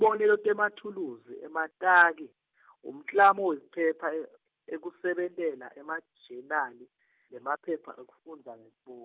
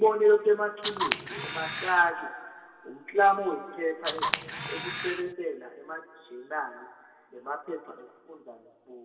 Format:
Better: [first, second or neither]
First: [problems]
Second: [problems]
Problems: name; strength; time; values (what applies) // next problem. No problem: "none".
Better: first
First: none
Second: background sound (Camera); 4 dB below the speech // room echo; dies away in 2.5 s